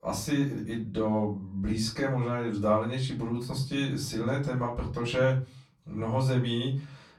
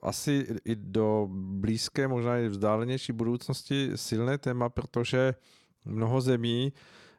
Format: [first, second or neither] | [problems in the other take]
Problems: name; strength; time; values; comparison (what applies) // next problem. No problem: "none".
second | off-mic speech; far // room echo; slight; dies away in 0.3 s